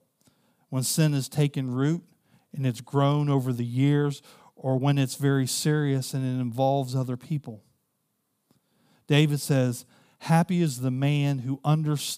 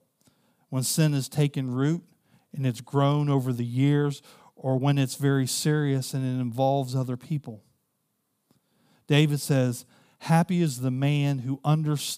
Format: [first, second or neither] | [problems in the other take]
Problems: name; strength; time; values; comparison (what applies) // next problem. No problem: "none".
neither | none